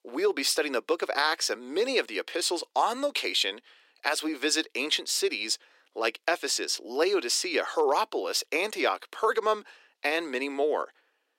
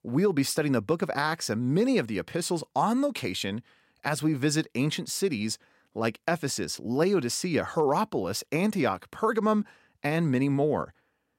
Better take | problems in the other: second | thin; very; fading below 350 Hz

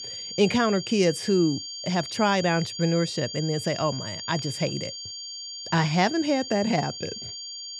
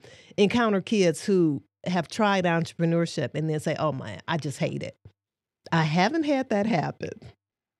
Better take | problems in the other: second | high-pitched whine; loud; throughout; 4.5 kHz, 9 dB below the speech

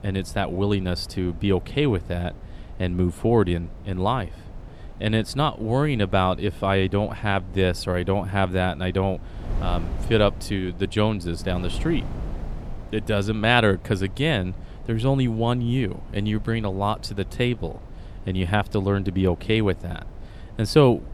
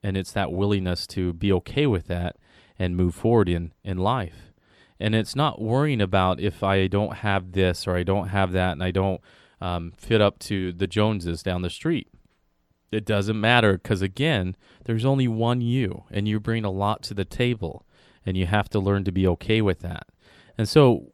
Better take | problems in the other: second | wind noise on the microphone; occasional gusts; 20 dB below the speech

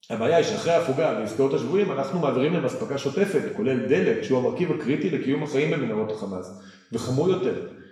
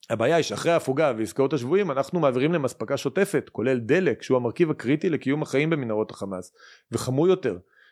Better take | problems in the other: second | room echo; noticeable; dies away in 1 s // off-mic speech; far

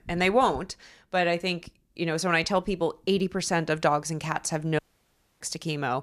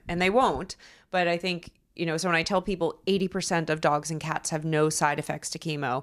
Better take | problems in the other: second | audio cutting out; at 5 s for 0.5 s

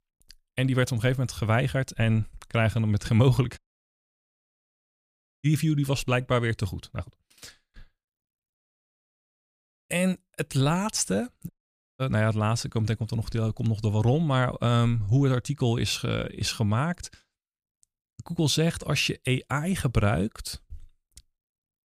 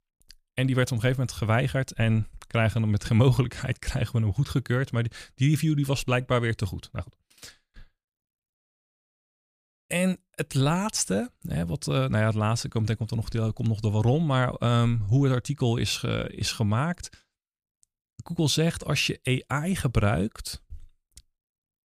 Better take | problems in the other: second | audio cutting out; at 3.5 s for 2 s and at 12 s

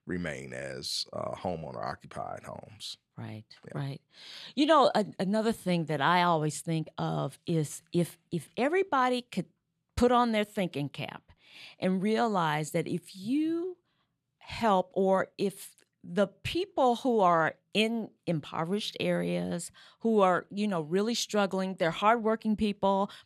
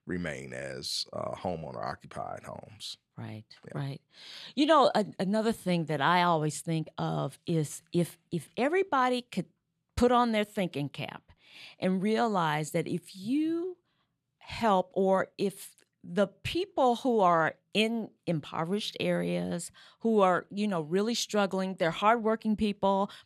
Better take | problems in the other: neither | none

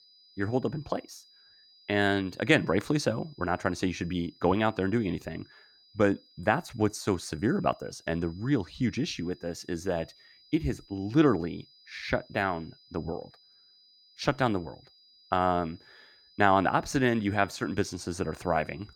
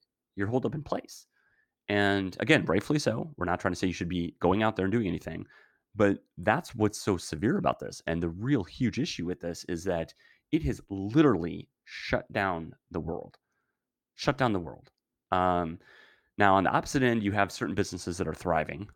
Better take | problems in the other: second | high-pitched whine; faint; throughout; 5 kHz, 30 dB below the speech

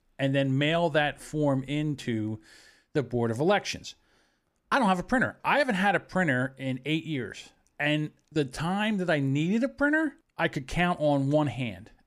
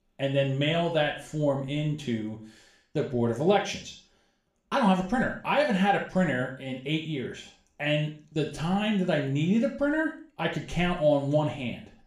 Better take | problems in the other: first | room echo; slight; dies away in 0.4 s // off-mic speech; somewhat distant

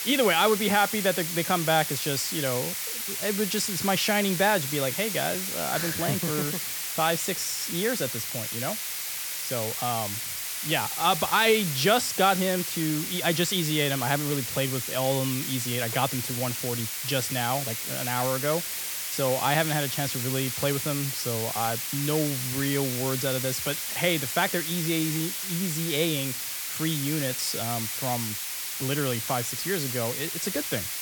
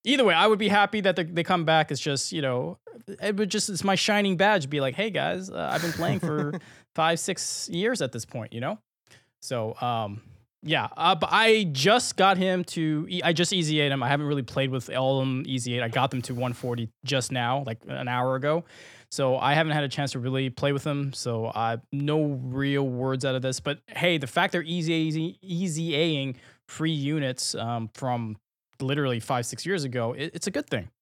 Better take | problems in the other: second | hiss; loud; throughout; 2 dB below the speech

